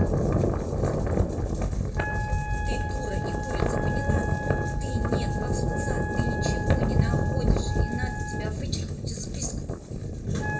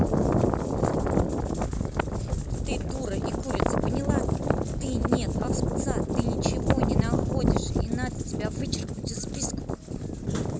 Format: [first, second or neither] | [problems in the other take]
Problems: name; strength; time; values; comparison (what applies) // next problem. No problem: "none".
second | background sound (Wind instrument, woodwind instrument); 12 dB below the speech // room echo; dies away in 1.3 s